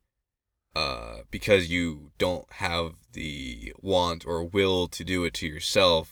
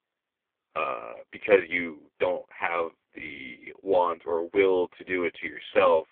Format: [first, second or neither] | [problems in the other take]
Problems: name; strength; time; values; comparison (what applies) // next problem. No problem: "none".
first | phone-call audio; poor line